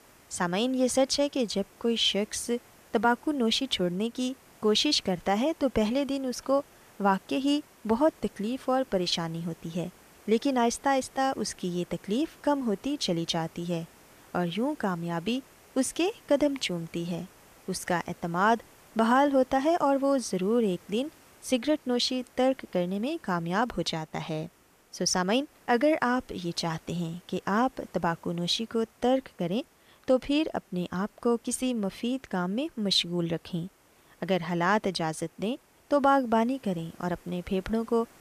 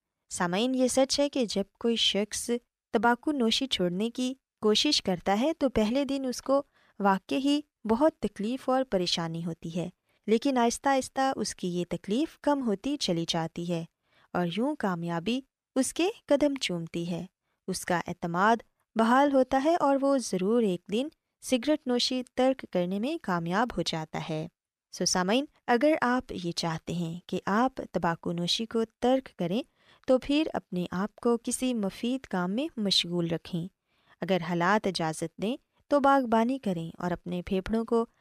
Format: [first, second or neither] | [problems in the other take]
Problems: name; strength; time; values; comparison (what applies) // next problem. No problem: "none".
second | hiss; faint; throughout; 25 dB below the speech